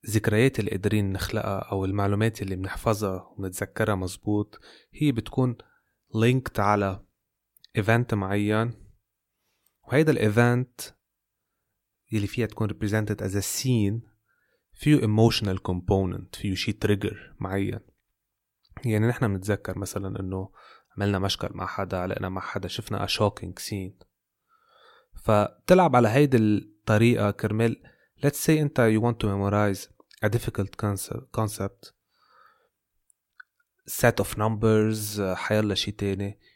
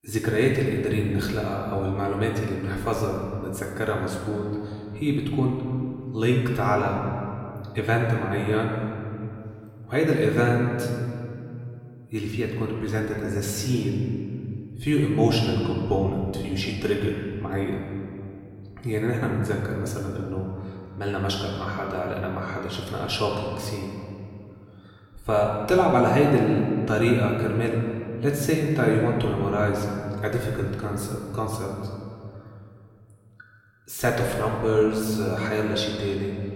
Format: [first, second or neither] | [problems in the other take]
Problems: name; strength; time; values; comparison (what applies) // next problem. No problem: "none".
first | room echo; noticeable; dies away in 2.3 s // off-mic speech; far